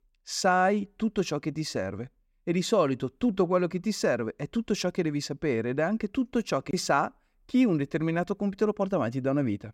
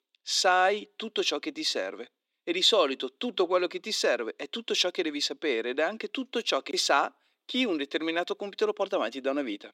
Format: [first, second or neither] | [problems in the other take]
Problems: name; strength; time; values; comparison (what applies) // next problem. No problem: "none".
first | thin; somewhat; fading below 300 Hz